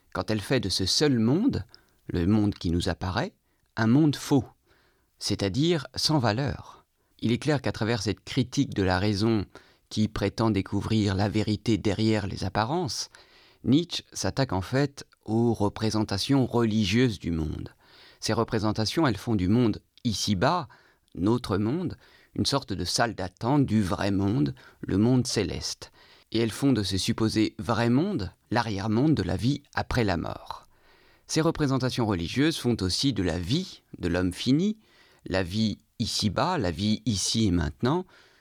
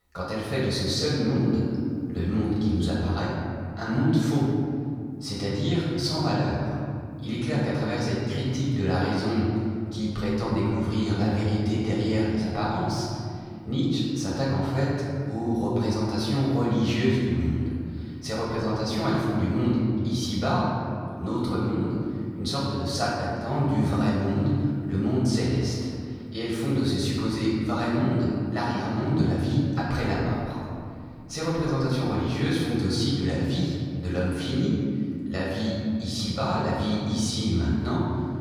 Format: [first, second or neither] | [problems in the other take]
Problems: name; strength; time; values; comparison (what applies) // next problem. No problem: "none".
first | room echo; strong; dies away in 2.4 s // off-mic speech; far